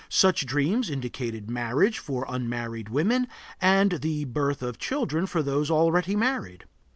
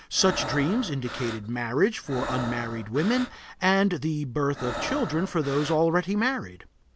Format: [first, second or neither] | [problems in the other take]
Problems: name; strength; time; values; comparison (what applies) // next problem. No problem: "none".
first | background sound (Breathing); 10 dB below the speech